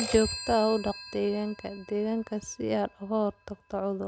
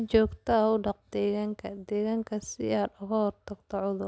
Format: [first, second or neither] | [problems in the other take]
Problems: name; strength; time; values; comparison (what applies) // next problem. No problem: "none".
second | background sound (Telephone); 13 dB below the speech